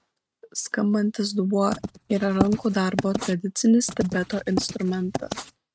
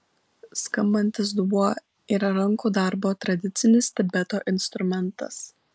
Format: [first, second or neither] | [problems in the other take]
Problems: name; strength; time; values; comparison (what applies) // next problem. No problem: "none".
second | noise reduction (neural mask model RNNoise)